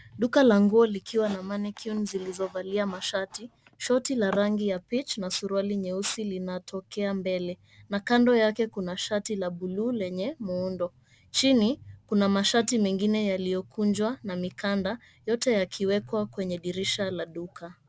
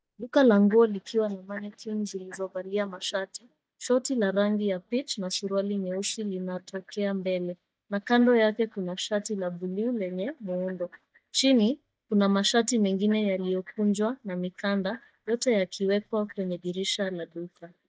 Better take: first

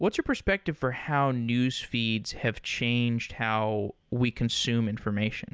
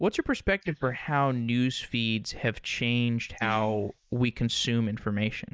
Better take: first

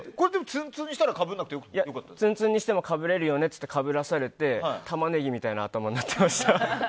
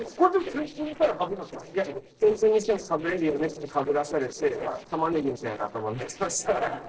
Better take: first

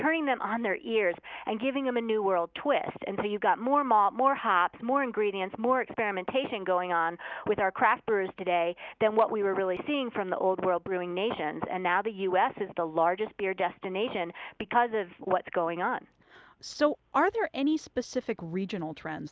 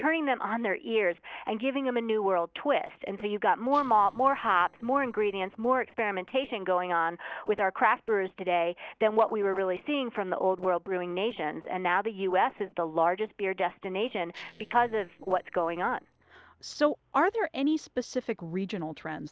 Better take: first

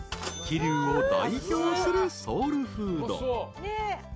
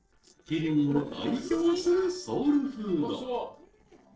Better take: first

